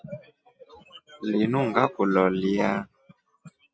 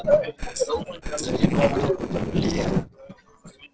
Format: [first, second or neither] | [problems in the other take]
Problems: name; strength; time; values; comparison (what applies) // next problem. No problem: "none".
first | noise reduction (neural separator model SepFormer DNS4)